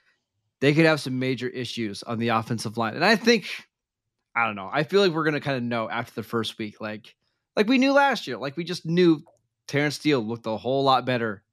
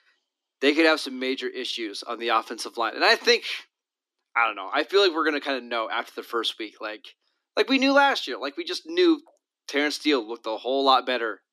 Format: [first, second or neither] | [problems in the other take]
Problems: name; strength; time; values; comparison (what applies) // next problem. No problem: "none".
first | thin; very slightly; fading below 250 Hz